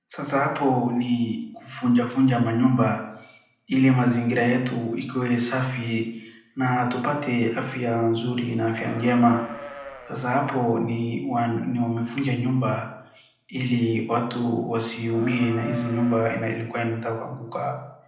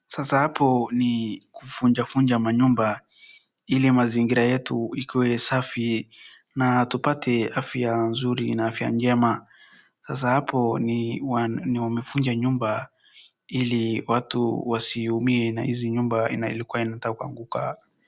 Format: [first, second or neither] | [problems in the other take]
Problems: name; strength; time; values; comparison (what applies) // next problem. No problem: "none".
second | noise reduction (neural separator model SepFormer DNS4)